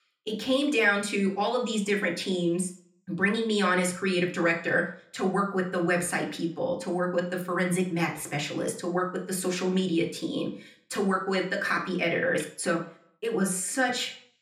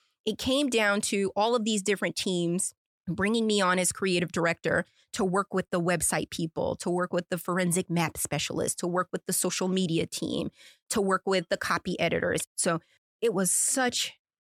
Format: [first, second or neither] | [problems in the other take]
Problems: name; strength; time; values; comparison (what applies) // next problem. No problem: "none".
second | room echo; slight; dies away in 0.4 s // off-mic speech; somewhat distant